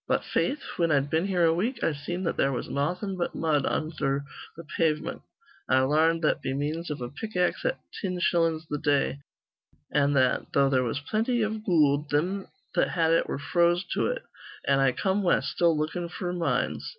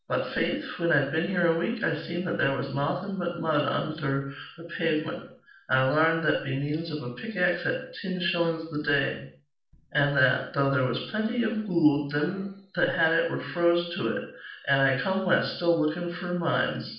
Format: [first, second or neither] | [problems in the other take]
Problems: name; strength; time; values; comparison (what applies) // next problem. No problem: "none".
first | room echo; dies away in 0.5 s